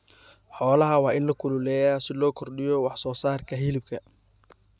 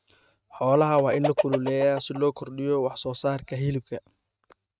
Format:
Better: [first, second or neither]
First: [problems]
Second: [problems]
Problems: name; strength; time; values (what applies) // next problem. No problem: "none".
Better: first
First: none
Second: noise reduction (neural mask model RNNoise)